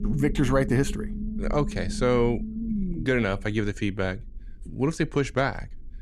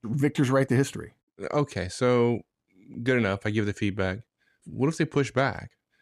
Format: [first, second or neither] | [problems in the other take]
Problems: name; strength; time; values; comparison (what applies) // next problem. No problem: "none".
second | low rumble; noticeable; throughout; 15 dB below the speech